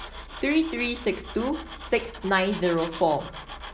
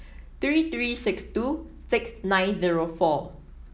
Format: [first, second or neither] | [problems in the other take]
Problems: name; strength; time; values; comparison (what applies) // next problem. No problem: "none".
second | background sound (Tools); 15 dB below the speech